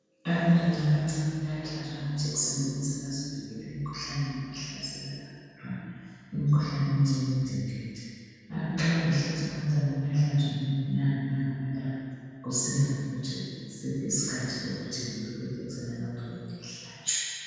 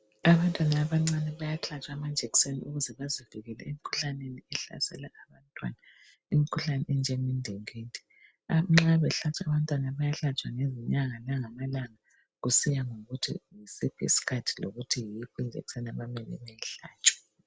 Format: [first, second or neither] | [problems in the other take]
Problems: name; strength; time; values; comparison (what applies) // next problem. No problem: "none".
second | room echo; dies away in 2.1 s